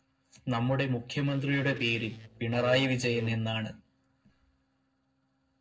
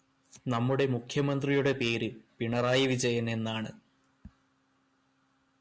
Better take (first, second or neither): second